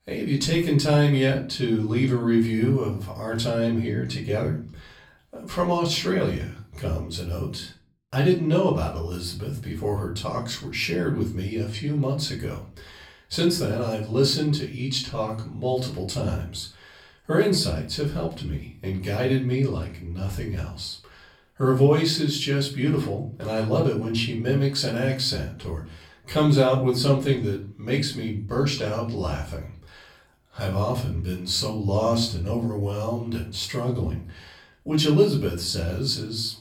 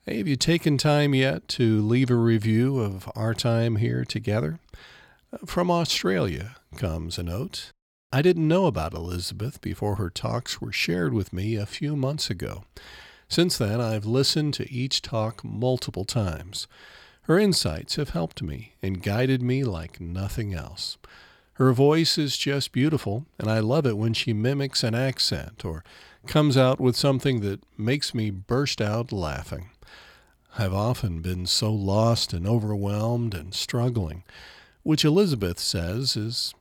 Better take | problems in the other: second | room echo; slight; dies away in 0.3 s // off-mic speech; far

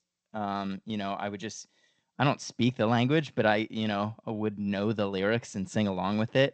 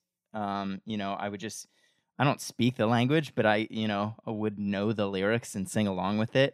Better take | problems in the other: second | garbled, watery; slightly; nothing above 8 kHz

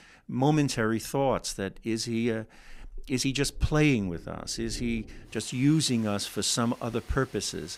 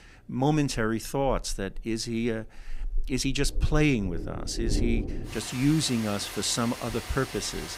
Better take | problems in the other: first | rain or running water; loud; throughout; 8 dB below the speech; faint in the first

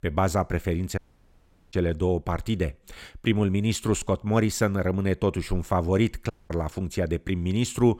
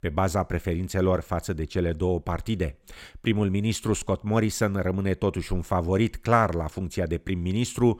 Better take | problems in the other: second | audio cutting out; at 1 s for 1 s and at 6.5 s

